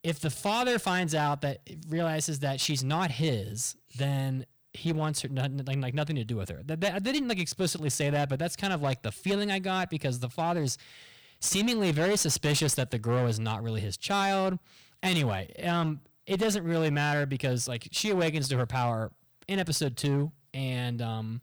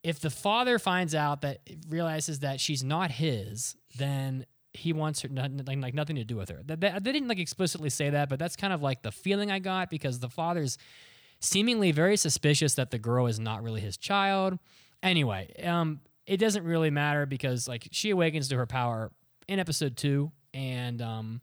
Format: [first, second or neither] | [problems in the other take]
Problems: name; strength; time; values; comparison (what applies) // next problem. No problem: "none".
second | distortion; slight; 10% of the sound clipped